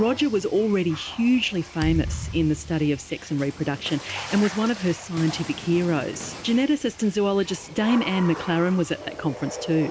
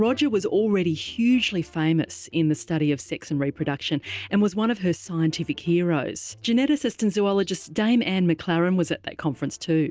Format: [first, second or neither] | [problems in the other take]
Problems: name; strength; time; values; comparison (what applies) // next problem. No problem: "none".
second | background sound (Thump, thud + Water / Splash, splatter); 12 dB below the speech